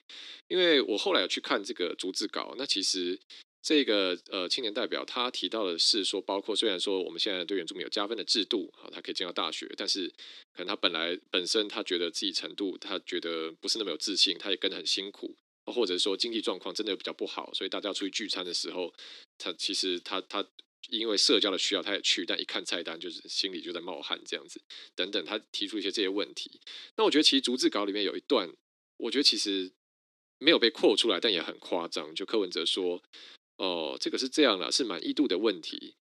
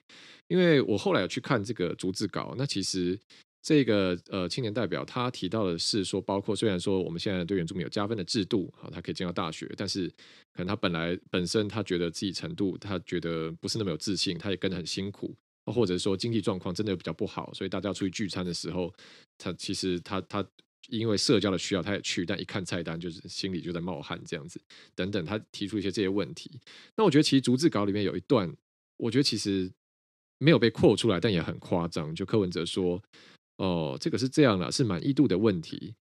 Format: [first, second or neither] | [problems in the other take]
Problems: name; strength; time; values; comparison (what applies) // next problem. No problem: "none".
second | thin; very slightly; fading below 300 Hz